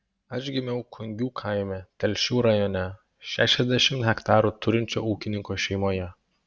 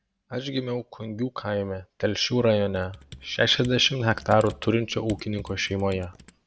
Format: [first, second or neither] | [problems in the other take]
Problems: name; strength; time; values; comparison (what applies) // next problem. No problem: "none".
first | background sound (Computer keyboard); 19 dB below the speech